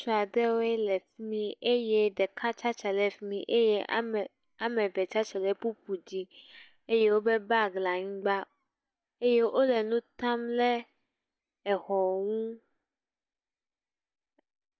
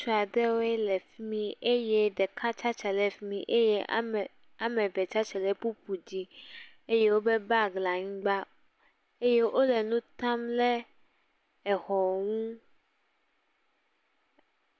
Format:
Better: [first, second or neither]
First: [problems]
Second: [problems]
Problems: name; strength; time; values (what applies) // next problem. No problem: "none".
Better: second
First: noise reduction (neural mask model DeepFilterNet 3)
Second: none